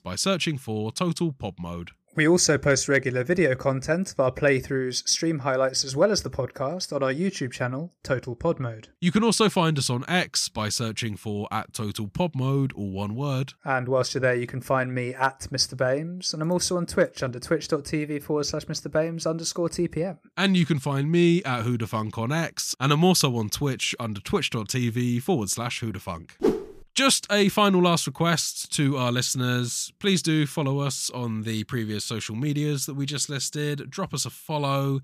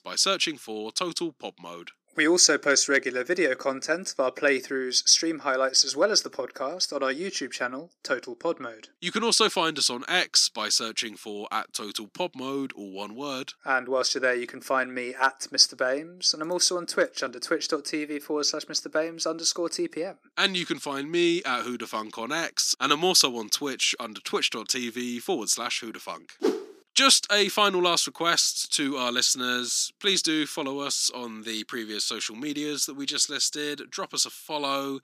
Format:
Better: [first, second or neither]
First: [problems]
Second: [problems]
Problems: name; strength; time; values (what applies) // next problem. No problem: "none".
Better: first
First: none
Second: thin; somewhat; fading below 300 Hz